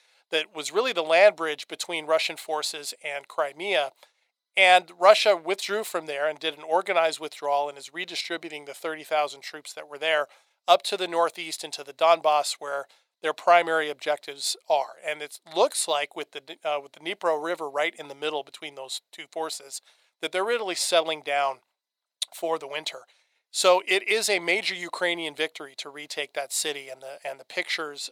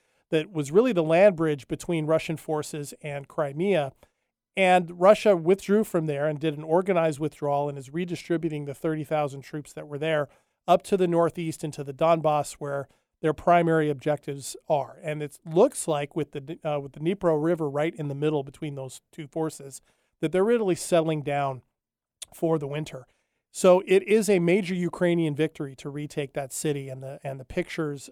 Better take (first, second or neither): second